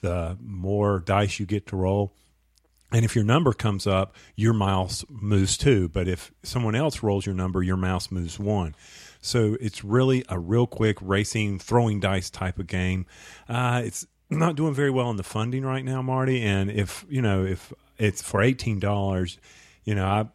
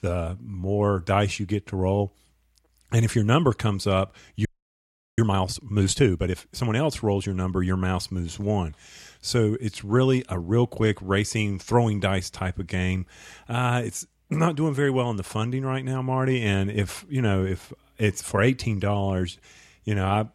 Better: first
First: none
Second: audio freezing; at 4.5 s for 0.5 s

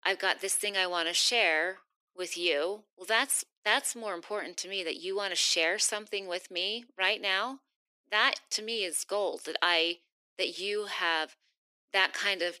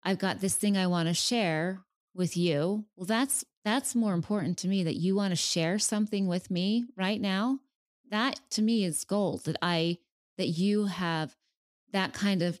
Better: second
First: thin; very; fading below 350 Hz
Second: none

